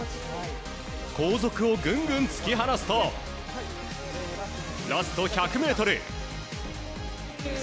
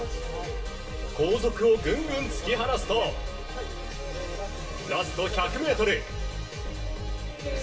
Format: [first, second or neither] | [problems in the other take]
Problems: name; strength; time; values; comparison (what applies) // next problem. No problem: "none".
first | room echo; dies away in 0.1 s